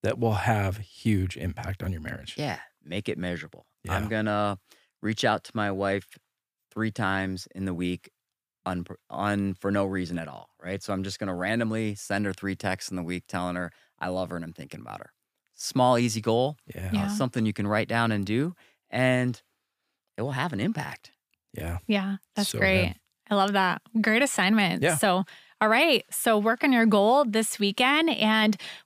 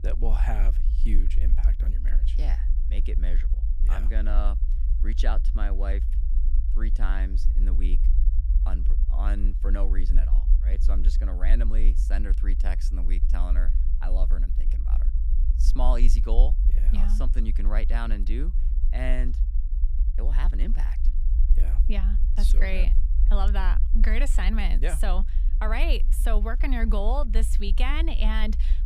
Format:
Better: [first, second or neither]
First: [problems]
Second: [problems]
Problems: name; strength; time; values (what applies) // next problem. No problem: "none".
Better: first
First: none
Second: low rumble; noticeable; throughout; 15 dB below the speech